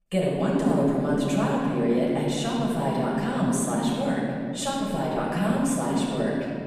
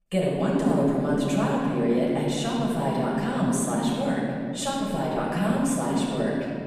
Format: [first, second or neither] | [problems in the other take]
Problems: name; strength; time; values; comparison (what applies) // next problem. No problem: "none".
neither | off-mic speech; far; the same in both // room echo; strong; dies away in 2.7 s; the same in both